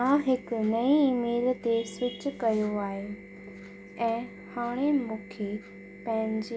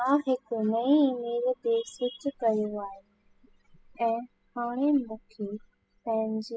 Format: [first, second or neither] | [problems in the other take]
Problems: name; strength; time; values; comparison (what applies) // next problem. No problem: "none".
first | noise reduction (classical method spectral subtraction)